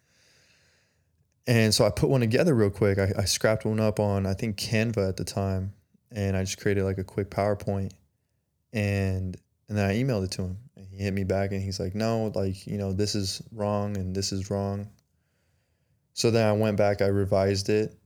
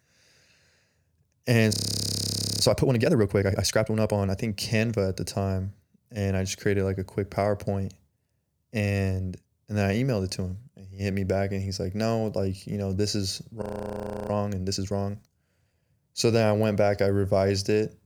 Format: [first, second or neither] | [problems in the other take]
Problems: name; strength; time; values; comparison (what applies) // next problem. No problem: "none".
first | audio freezing; at 1.5 s for 1 s and at 14 s for 0.5 s